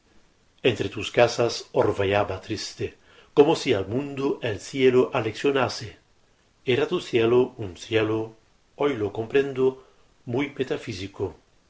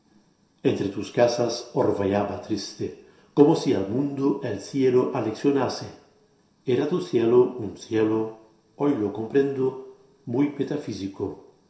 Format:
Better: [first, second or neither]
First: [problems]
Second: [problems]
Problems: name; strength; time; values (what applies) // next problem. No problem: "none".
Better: first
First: none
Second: room echo; dies away in 0.7 s